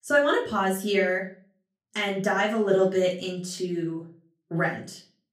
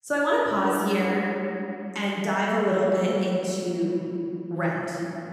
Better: first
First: room echo; slight; dies away in 0.4 s // off-mic speech; far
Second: room echo; strong; dies away in 3 s // off-mic speech; far

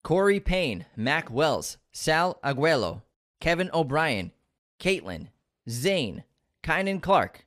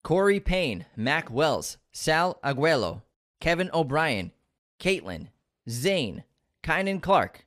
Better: neither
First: none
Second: none

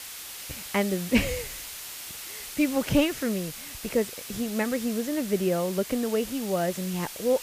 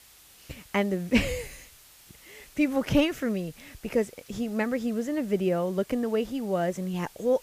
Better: second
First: hiss; loud; throughout; 9 dB below the speech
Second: hiss; faint; throughout; 25 dB below the speech

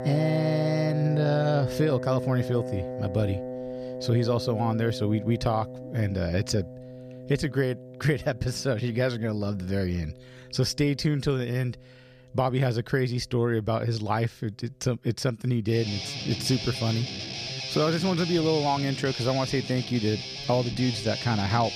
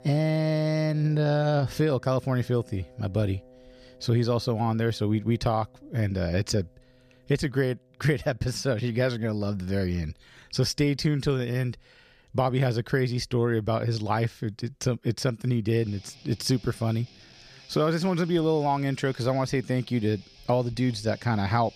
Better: second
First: background music; loud; throughout; 7 dB below the speech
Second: background music; faint; throughout; 25 dB below the speech

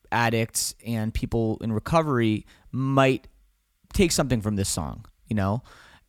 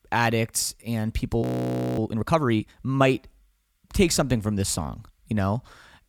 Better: first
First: none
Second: audio freezing; at 1.5 s for 0.5 s

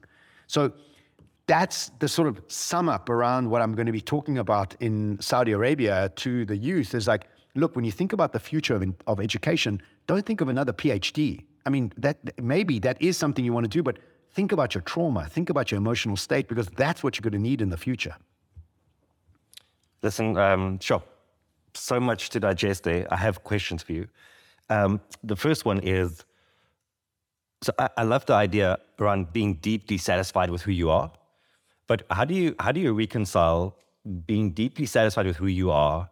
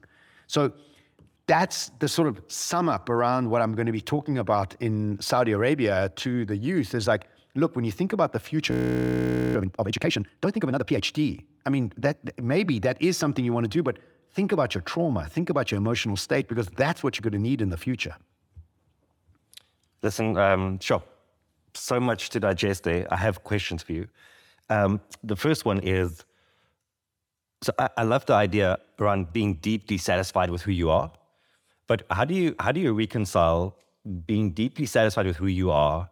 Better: first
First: none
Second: audio freezing; at 8.5 s for 1 s

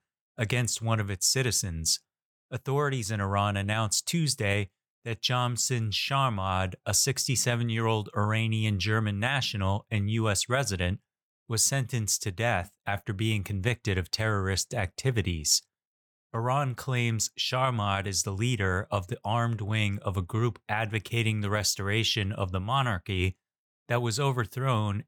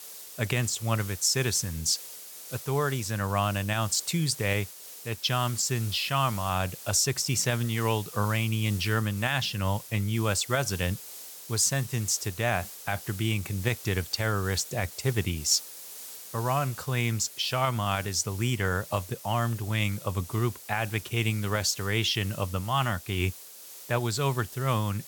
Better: first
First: none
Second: hiss; noticeable; throughout; 15 dB below the speech

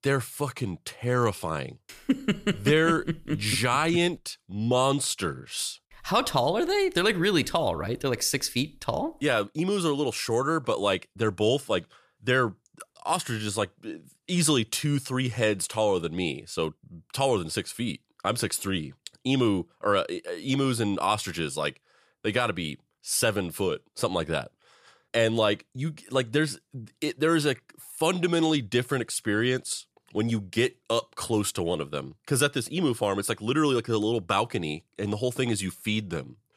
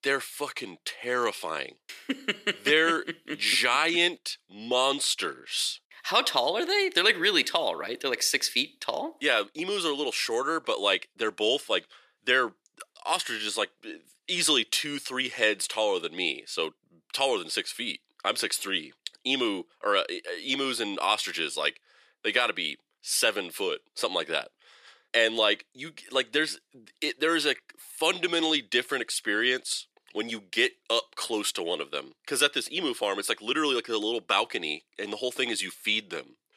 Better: first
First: none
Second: thin; somewhat; fading below 300 Hz

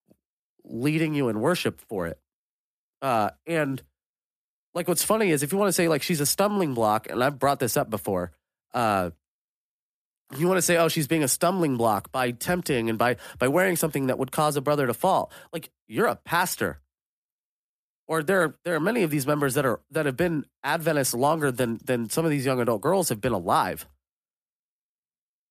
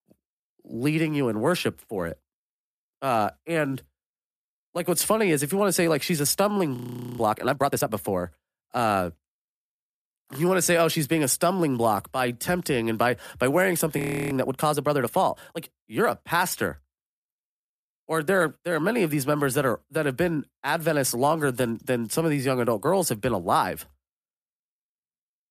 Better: first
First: none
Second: audio freezing; at 7 s and at 14 s

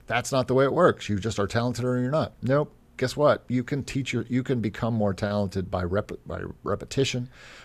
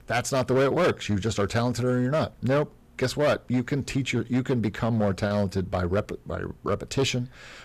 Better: first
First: none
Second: distortion; slight; 8% of the sound clipped

